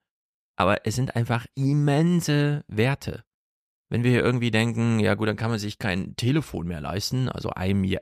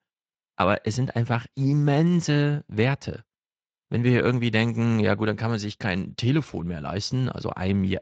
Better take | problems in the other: first | garbled, watery; slightly; nothing above 7.5 kHz

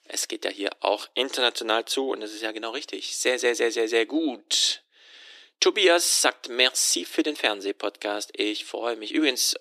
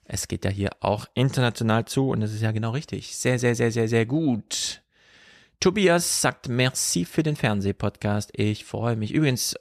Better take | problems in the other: second | thin; very; fading below 300 Hz

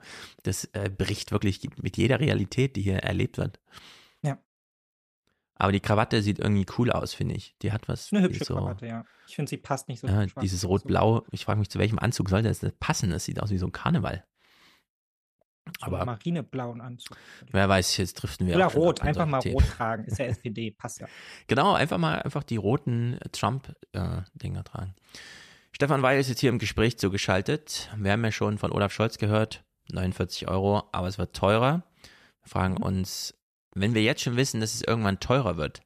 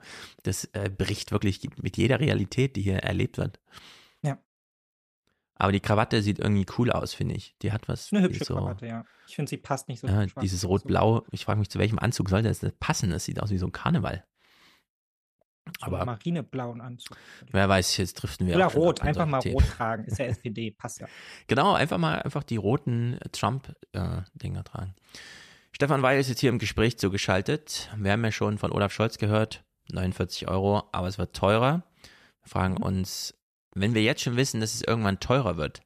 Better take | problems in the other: neither | none

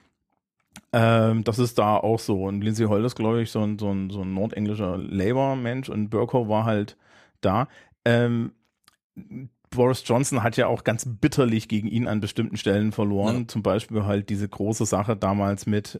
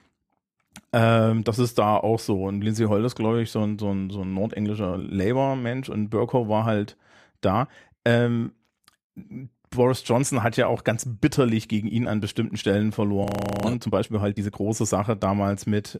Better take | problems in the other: first | audio freezing; at 13 s

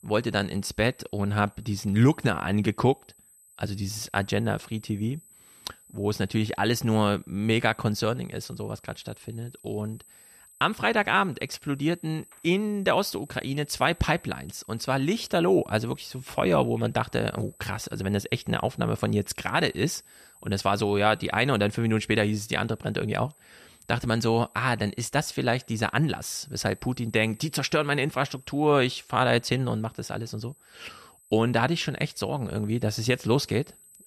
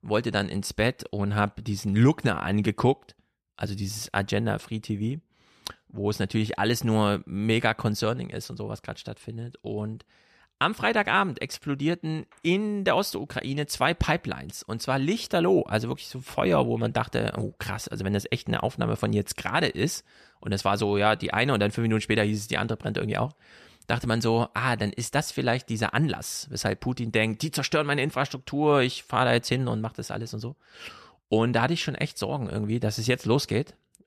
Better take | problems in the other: second | high-pitched whine; faint; throughout; 8 kHz, 25 dB below the speech

